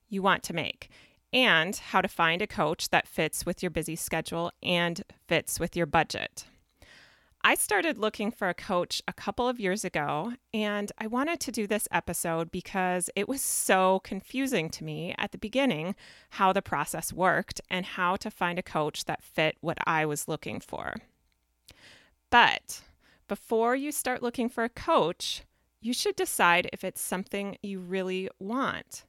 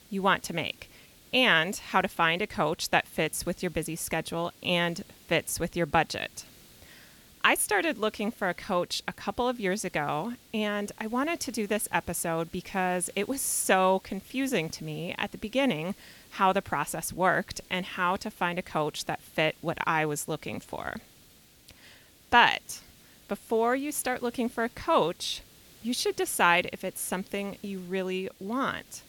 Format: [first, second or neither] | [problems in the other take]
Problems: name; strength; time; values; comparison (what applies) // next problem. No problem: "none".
first | hiss; faint; throughout; 25 dB below the speech